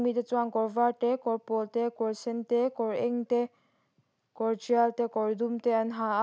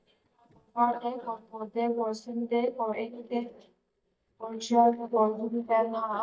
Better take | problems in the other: first | noise reduction (neural mask model DeepFilterNet 3)

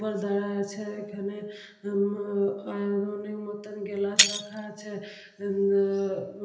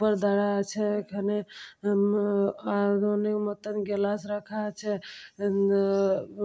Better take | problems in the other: second | background sound (Shatter); as loud as the speech // room echo; dies away in 1.4 s

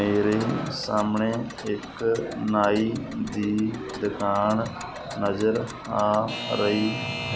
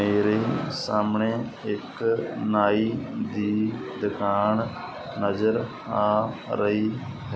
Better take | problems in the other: second | background sound (Alarm / Clock); 14 dB below the speech

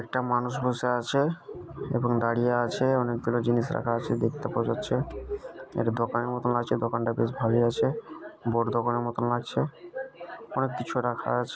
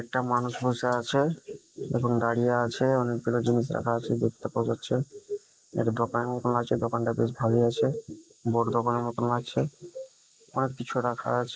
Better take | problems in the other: first | noise reduction (neural mask model Resemble Enhance denoiser)

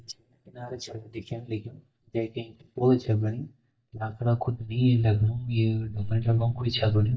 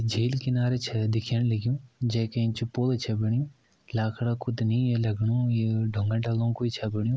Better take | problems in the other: second | noise reduction (neural mask model DeepFilterNet 3)

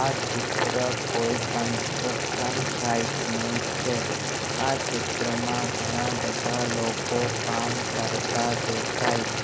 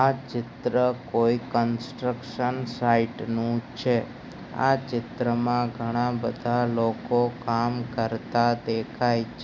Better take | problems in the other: second | background sound (Boiling); 3 dB above the speech

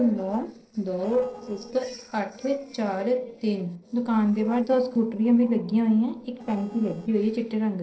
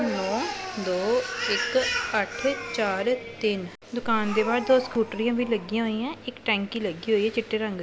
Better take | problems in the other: second | noise reduction (neural separator model SepFormer DNS4)

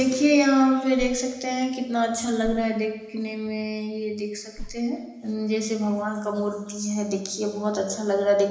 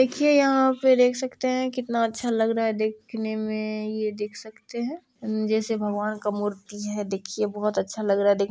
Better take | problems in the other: second | background sound (Whoosh, swoosh, swish); 13 dB below the speech // room echo; dies away in 1 s

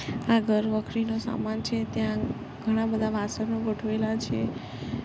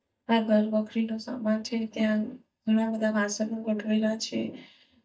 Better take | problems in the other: first | noise reduction (neural mask model DeepFilterNet 3)

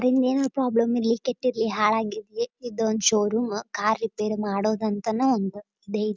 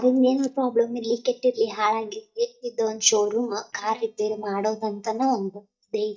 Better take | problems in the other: first | noise reduction (neural mask model DeepFilterNet 3)

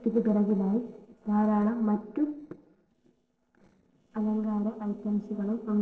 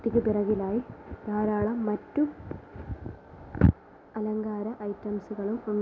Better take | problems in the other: second | noise reduction (neural separator model SepFormer DNS4)

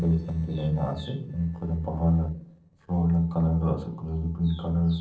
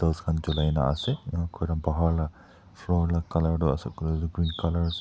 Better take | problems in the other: second | noise reduction (neural separator model SepFormer DNS4)

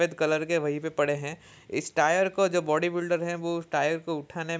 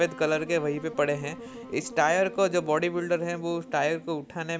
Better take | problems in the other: first | background sound (Wind instrument, woodwind instrument); 16 dB below the speech

